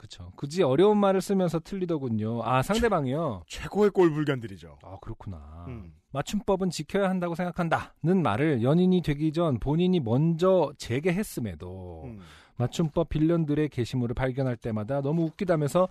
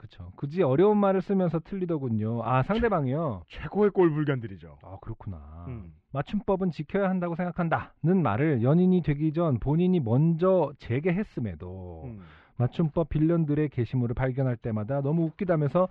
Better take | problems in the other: first | muffled; very; fading above 2.5 kHz

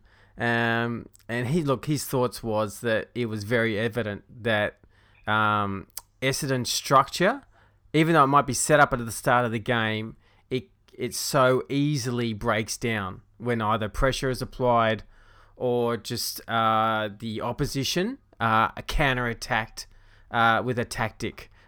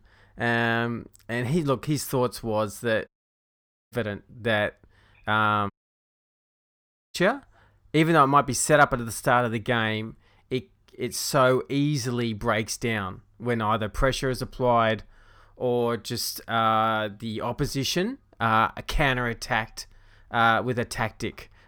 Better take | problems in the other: first | audio cutting out; at 3 s for 1 s and at 5.5 s for 1.5 s

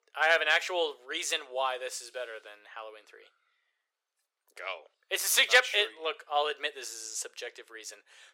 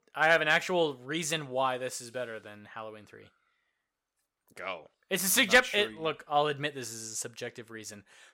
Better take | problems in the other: second | thin; very; fading below 400 Hz

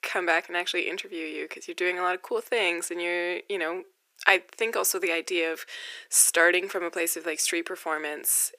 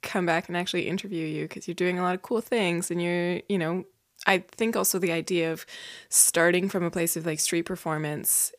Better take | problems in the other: second | thin; very; fading below 350 Hz

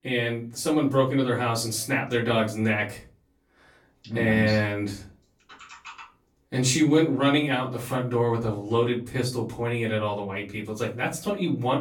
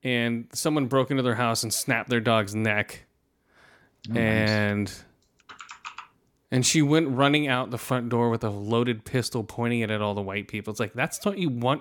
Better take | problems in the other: second | off-mic speech; far // room echo; slight; dies away in 0.3 s

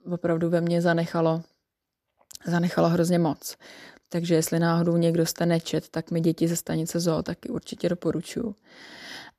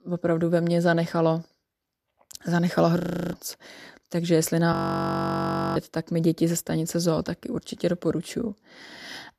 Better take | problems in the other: first | audio freezing; at 3 s and at 4.5 s for 1 s

